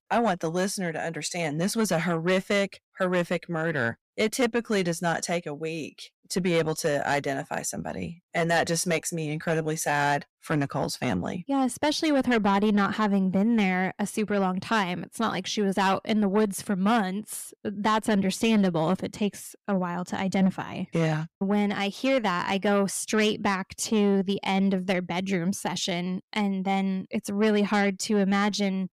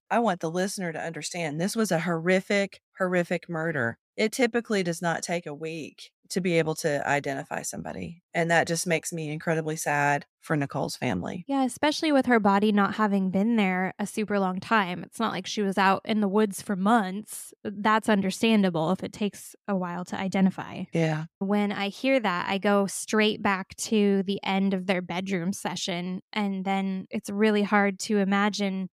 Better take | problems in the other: second | distortion; slight; 10 dB below the speech

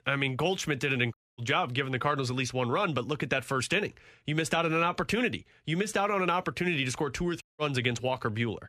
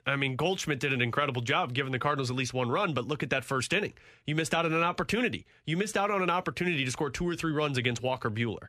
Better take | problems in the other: second | audio cutting out; at 1 s and at 7.5 s

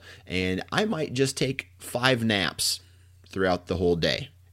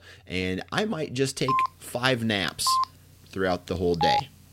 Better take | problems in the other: first | phone ringing; loud; from 1.5 s on; peak 2 dB above the speech

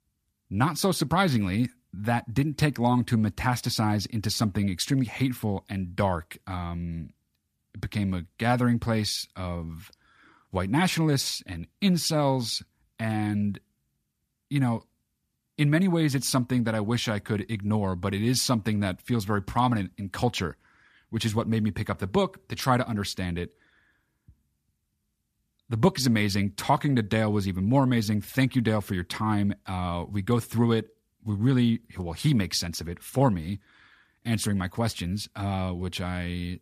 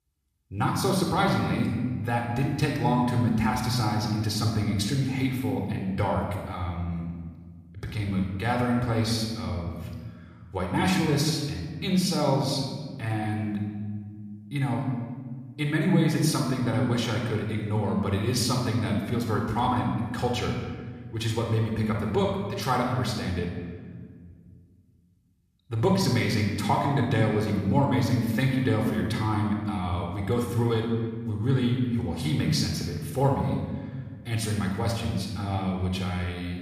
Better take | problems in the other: first | room echo; noticeable; dies away in 1.3 s

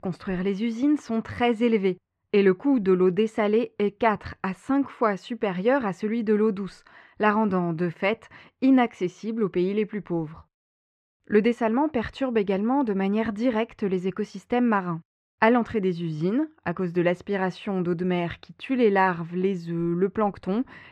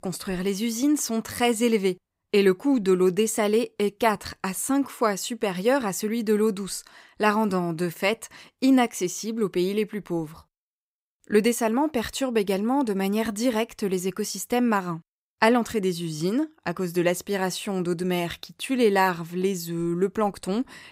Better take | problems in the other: second | muffled; very; fading above 2 kHz

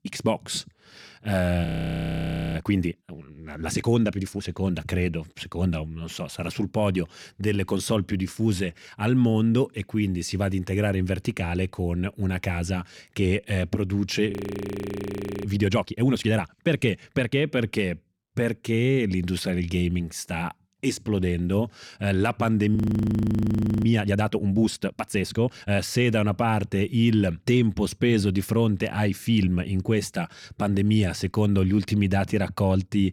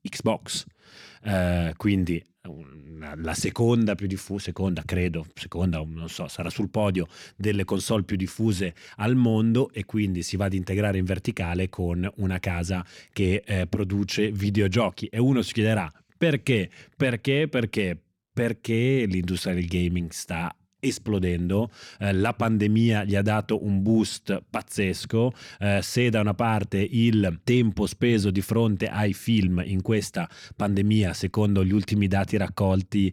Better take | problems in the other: second | audio freezing; at 1.5 s for 1 s, at 14 s for 1 s and at 23 s for 1 s

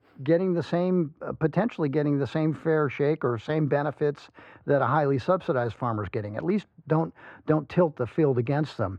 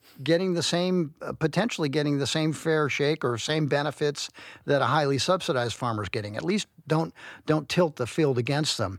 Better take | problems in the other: second | muffled; very; fading above 3 kHz

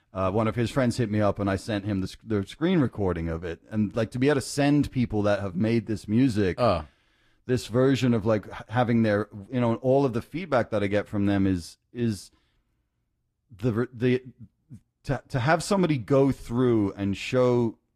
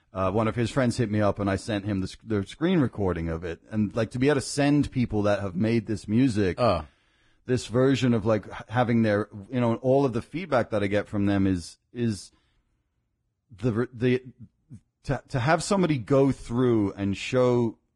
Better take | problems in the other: first | garbled, watery; badly; nothing above 10.5 kHz; slightly in the first

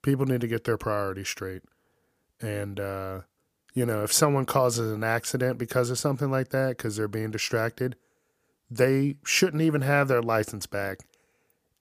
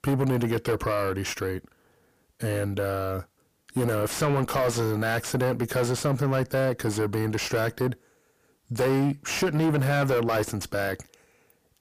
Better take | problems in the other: first | distortion; heavy; 6 dB below the speech

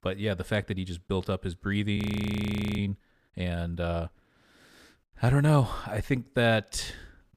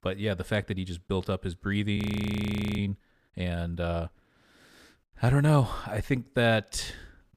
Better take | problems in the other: neither | audio freezing; at 2 s for 1 s; the same in both

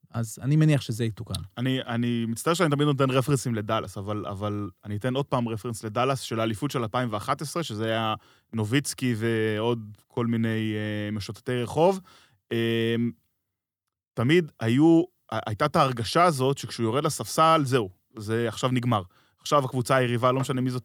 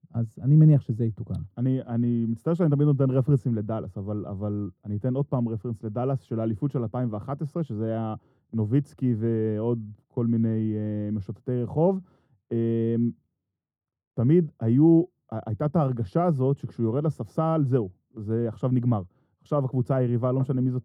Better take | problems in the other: first | muffled; very; fading above 1.5 kHz

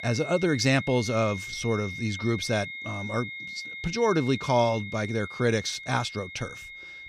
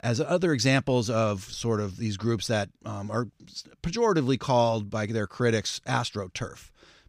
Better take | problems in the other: second | high-pitched whine; loud; throughout; 2 kHz, 9 dB below the speech

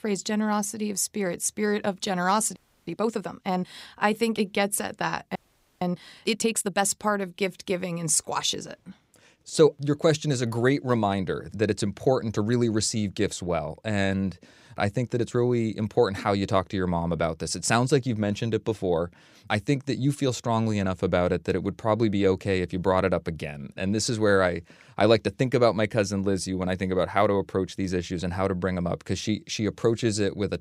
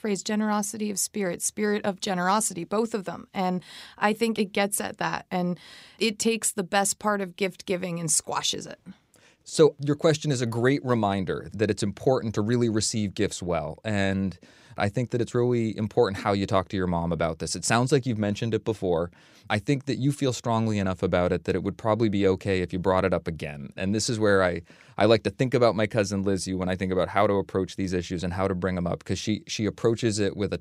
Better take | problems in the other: second | audio freezing; at 2.5 s and at 5.5 s

